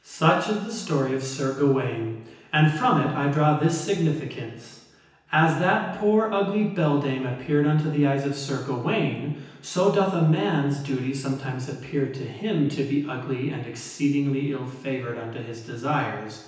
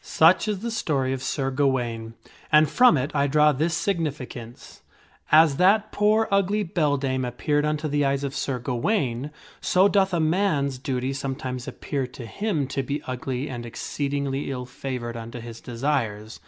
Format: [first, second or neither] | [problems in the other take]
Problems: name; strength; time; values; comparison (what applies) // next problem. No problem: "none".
second | room echo; dies away in 0.9 s